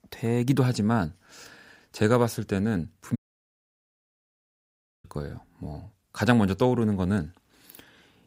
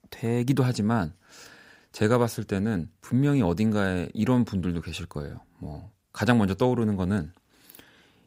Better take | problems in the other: second | audio cutting out; at 3 s for 2 s

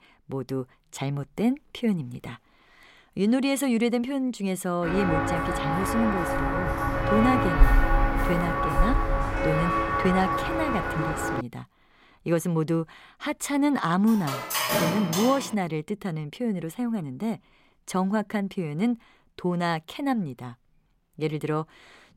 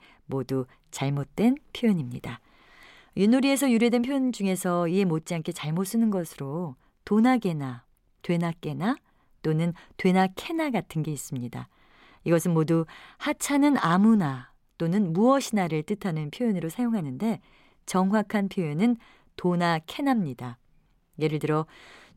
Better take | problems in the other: second | footsteps; loud; from 5 to 11 s; peak 6 dB above the speech // clattering dishes; loud; from 14 to 16 s; peak 4 dB above the speech

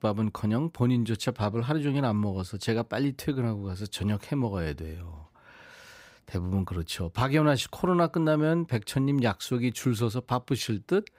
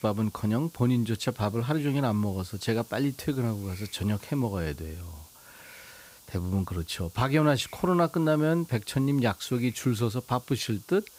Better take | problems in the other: first | hiss; faint; throughout; 20 dB below the speech

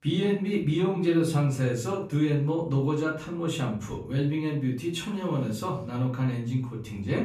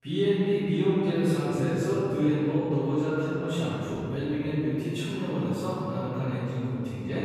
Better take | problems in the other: first | room echo; strong; dies away in 2.8 s; slight in the first // off-mic speech; far; far in the first

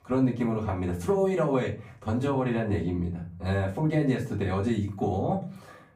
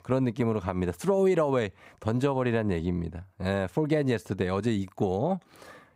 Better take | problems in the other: second | off-mic speech; far // room echo; slight; dies away in 0.4 s

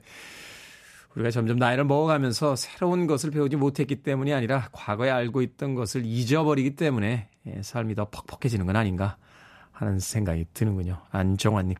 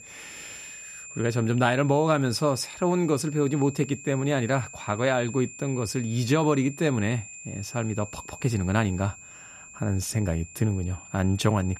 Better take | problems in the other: first | high-pitched whine; noticeable; throughout; 7.5 kHz, 15 dB below the speech

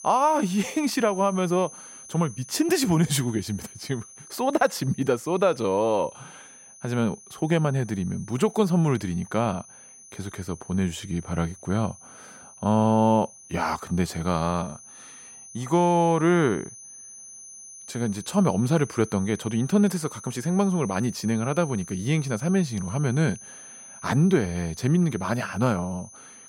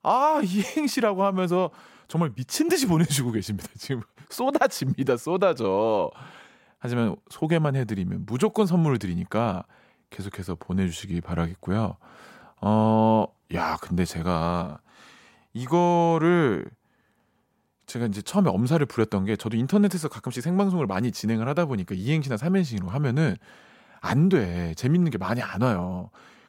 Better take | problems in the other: second | high-pitched whine; noticeable; throughout; 6 kHz, 20 dB below the speech

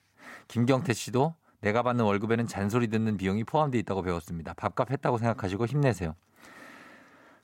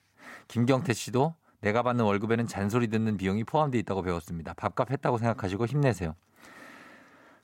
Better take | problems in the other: neither | none

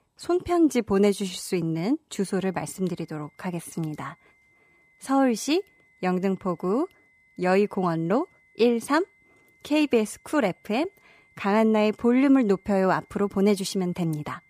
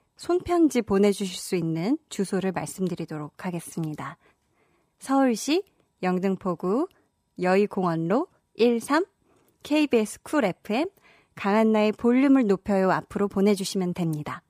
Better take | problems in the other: second | high-pitched whine; faint; from 2 s on; 2 kHz, 35 dB below the speech

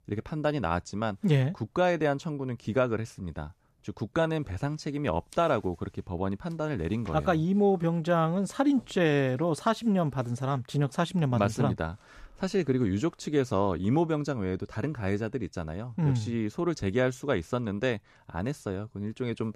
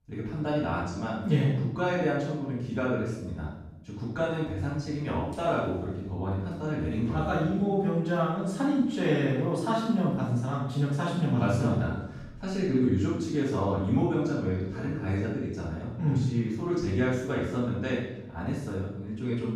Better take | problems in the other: first | off-mic speech; far // room echo; strong; dies away in 0.8 s

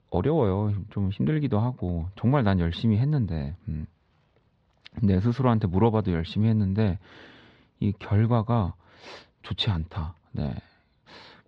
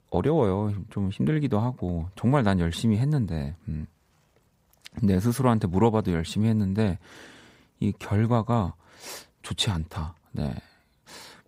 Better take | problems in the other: second | muffled; very slightly; fading above 4 kHz

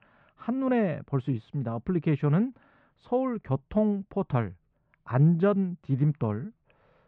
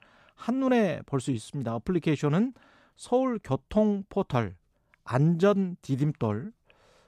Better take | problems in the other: second | muffled; very; fading above 2.5 kHz

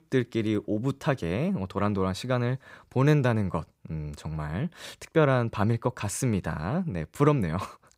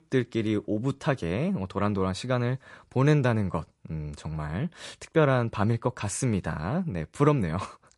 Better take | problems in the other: first | garbled, watery; slightly; nothing above 11 kHz

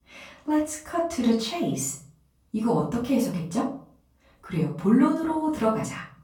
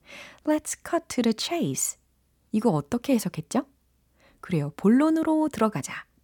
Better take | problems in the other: second | off-mic speech; far // room echo; noticeable; dies away in 0.4 s

